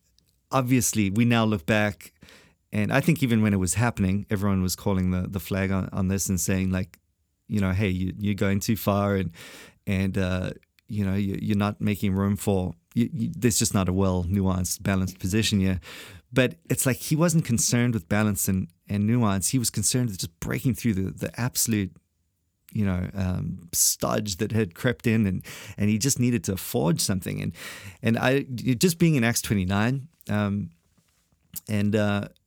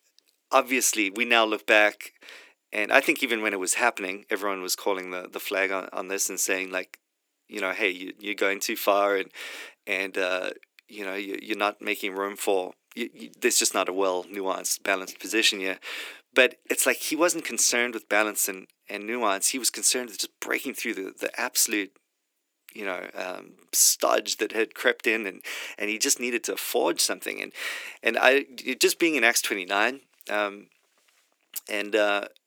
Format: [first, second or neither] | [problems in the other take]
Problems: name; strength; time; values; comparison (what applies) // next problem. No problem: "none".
first | thin; very; fading below 300 Hz